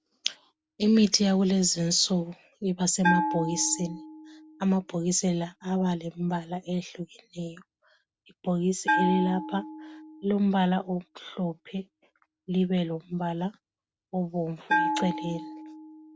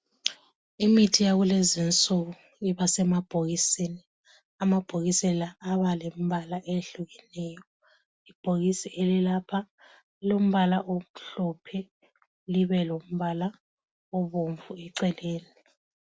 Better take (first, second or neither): second